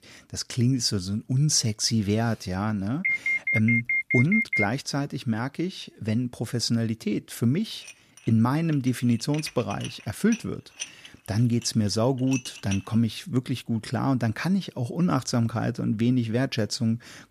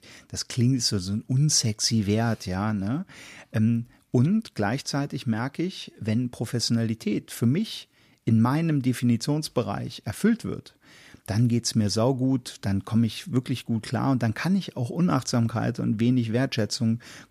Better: second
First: alarm; loud; from 3 to 4.5 s; peak 3 dB above the speech // clattering dishes; noticeable; from 8 to 13 s; peak 9 dB below the speech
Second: none

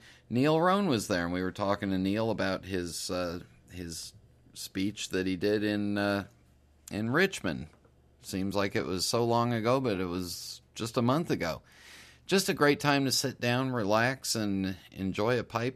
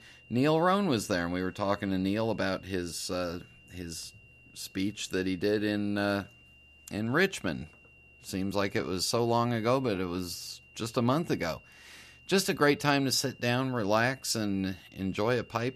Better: first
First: none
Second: high-pitched whine; faint; throughout; 3 kHz, 25 dB below the speech

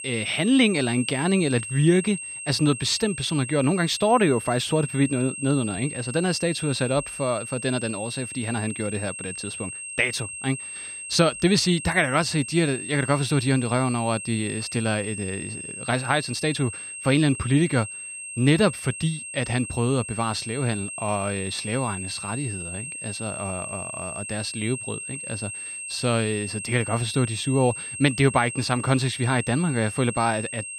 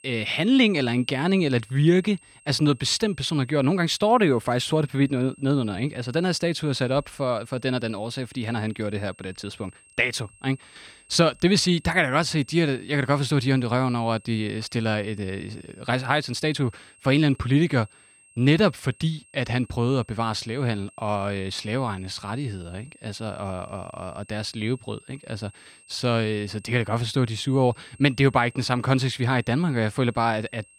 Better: second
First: high-pitched whine; loud; throughout; 8.5 kHz, 8 dB below the speech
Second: high-pitched whine; faint; throughout; 8.5 kHz, 30 dB below the speech

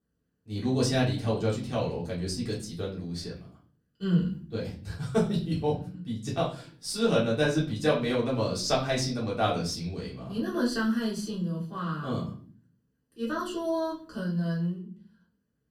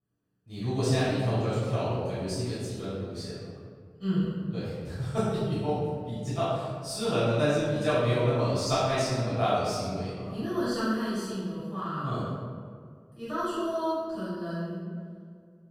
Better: first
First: room echo; slight; dies away in 0.4 s // off-mic speech; far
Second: room echo; strong; dies away in 1.7 s // off-mic speech; far

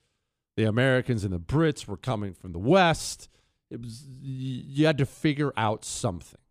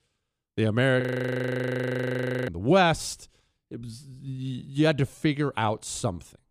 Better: first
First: none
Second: audio freezing; at 1 s for 1.5 s

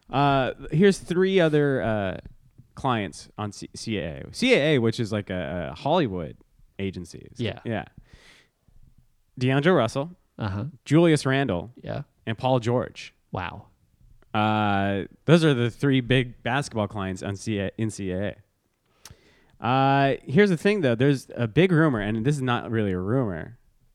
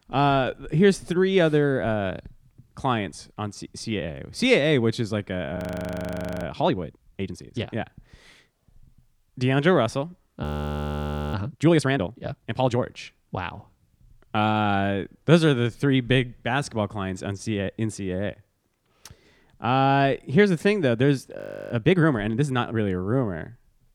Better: first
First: none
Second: audio freezing; at 5.5 s for 1 s, at 10 s for 1 s and at 21 s

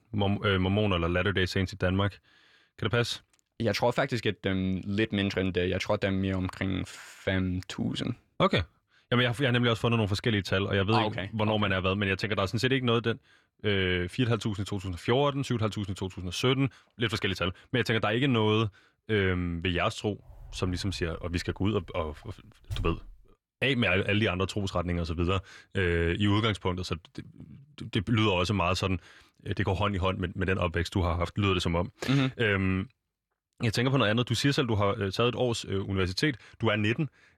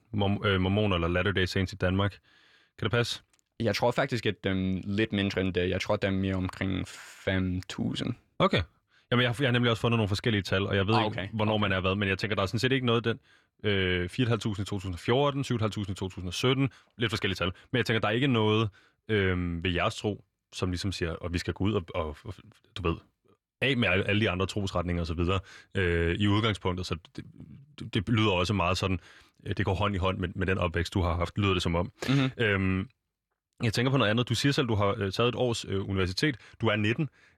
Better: second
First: door banging; faint; from 20 to 23 s; peak 10 dB below the speech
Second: none

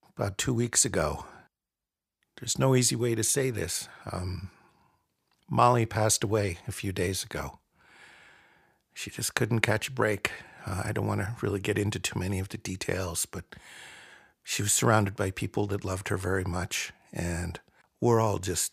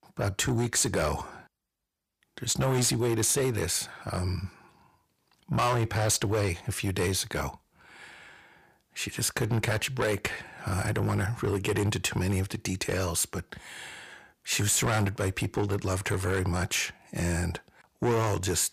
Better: first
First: none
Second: distortion; heavy; 6 dB below the speech

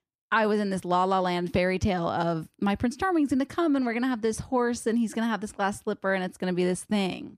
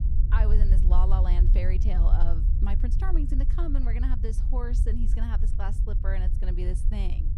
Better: first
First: none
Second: low rumble; loud; throughout; 6 dB below the speech

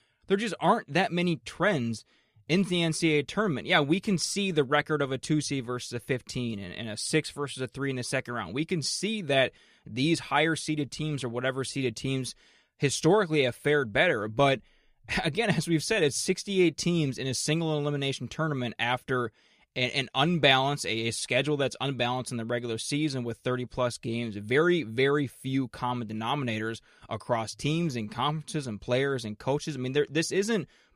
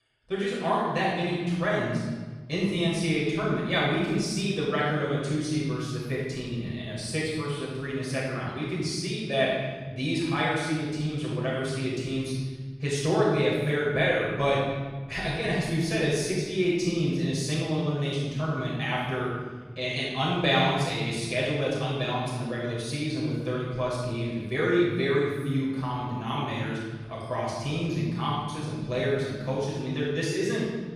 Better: first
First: none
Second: off-mic speech; far // room echo; strong; dies away in 1.6 s

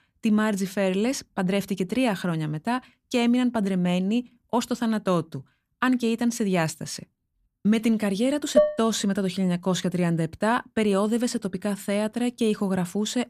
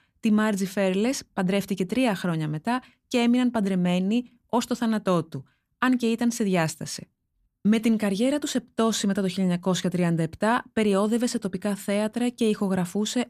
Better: second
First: clattering dishes; loud; at 8.5 s; peak 3 dB above the speech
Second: none

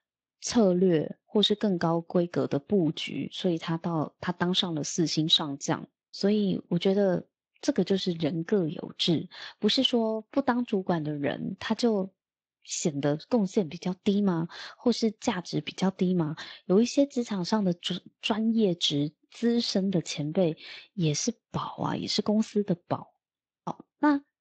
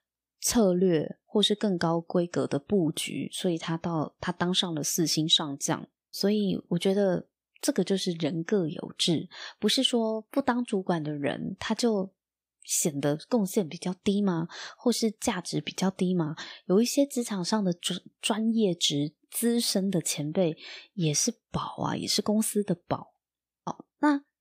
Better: second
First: garbled, watery; slightly; nothing above 7.5 kHz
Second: none

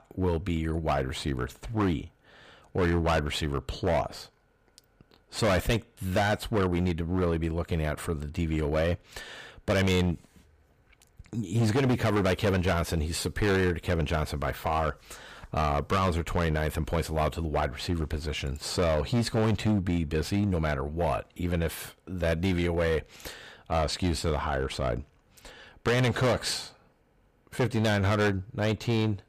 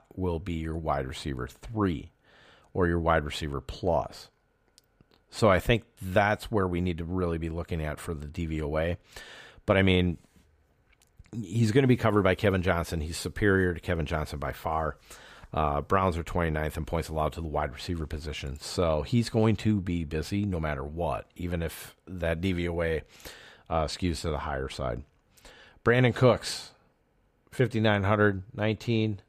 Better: second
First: distortion; heavy; 9% of the sound clipped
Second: none

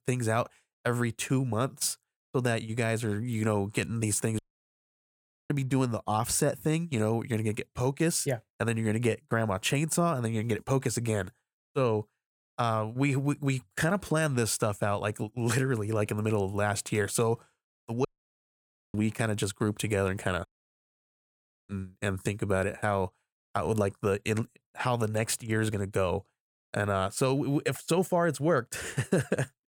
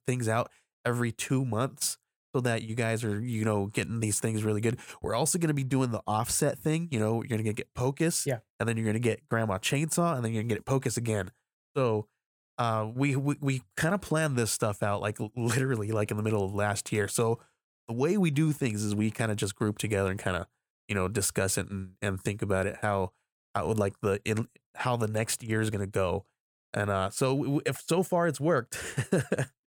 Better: second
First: audio cutting out; at 4.5 s for 1 s, at 18 s for 1 s and at 20 s for 1 s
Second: none

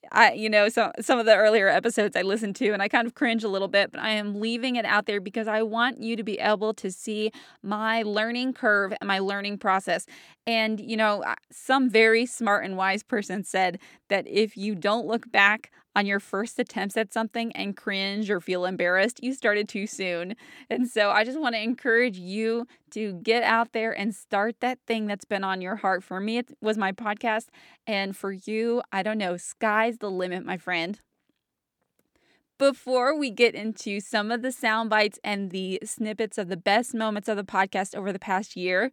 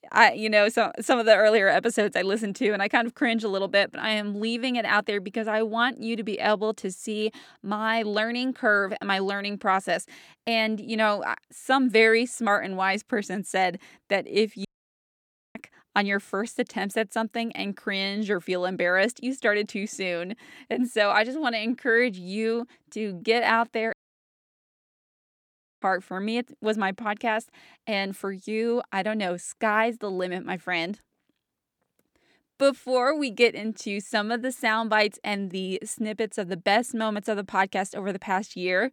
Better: first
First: none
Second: audio cutting out; at 15 s for 1 s and at 24 s for 2 s

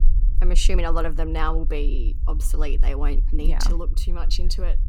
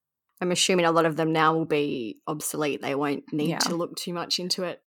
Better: second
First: low rumble; noticeable; throughout; 20 dB below the speech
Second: none

